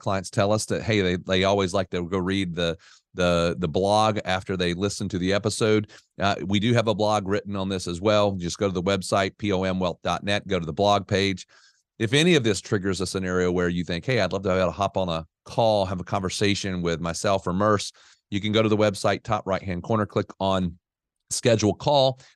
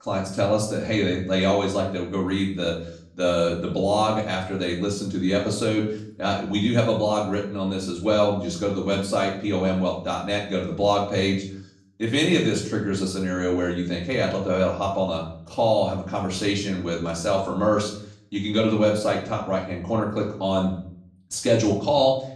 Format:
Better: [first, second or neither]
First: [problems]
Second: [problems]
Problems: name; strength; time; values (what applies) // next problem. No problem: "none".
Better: first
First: none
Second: off-mic speech; far // room echo; slight; dies away in 0.5 s